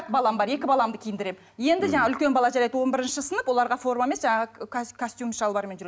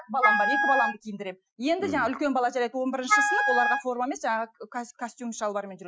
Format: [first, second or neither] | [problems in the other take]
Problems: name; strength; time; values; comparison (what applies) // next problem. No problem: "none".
first | noise reduction (classical method Wiener filter)